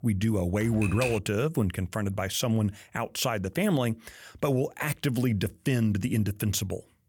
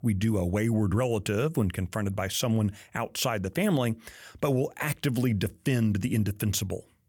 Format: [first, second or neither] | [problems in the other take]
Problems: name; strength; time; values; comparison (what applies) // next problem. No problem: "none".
second | keyboard typing; noticeable; at 0.5 s; peak 5 dB below the speech